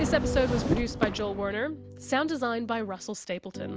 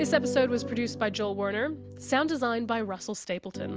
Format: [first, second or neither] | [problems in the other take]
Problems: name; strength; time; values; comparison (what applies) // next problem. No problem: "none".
second | background sound (Whoosh, swoosh, swish / Fireworks); 5 dB below the speech